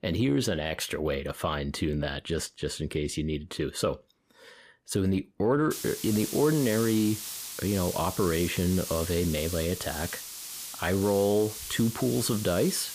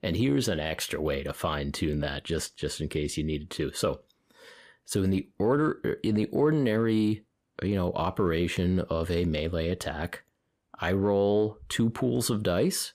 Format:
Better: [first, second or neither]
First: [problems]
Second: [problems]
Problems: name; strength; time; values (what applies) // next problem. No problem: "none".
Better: second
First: hiss; loud; from 5.5 s on; 8 dB below the speech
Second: none